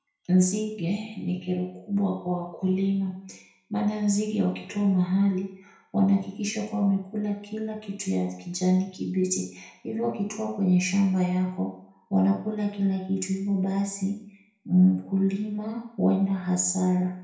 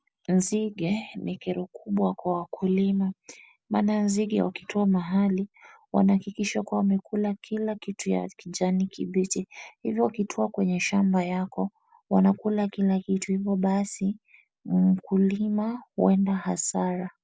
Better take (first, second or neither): second